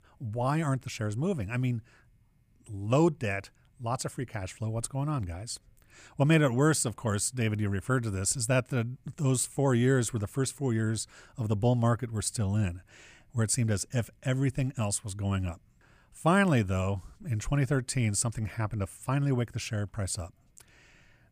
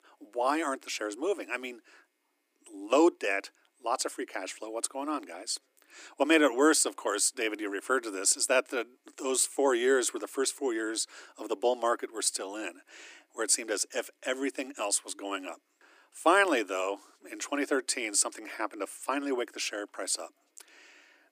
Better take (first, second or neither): first